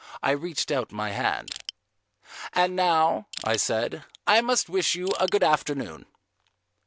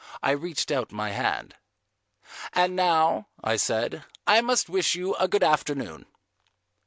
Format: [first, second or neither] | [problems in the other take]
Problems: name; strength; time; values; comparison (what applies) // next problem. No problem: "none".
second | background sound (Crushing); 13 dB below the speech